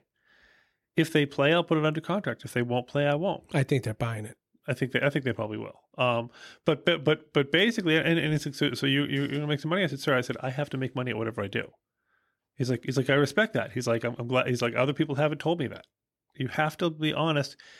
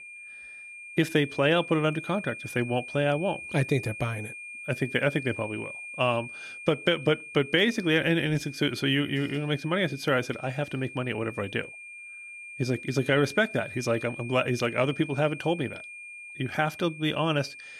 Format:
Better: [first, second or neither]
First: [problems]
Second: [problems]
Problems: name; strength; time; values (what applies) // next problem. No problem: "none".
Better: first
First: none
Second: high-pitched whine; noticeable; throughout; 2.5 kHz, 10 dB below the speech